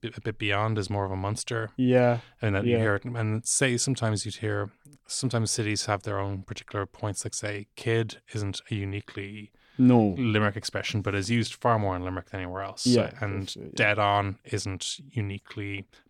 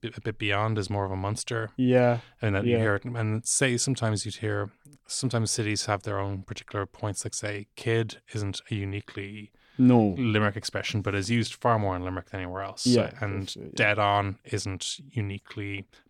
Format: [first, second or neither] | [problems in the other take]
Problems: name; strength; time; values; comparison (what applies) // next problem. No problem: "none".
neither | none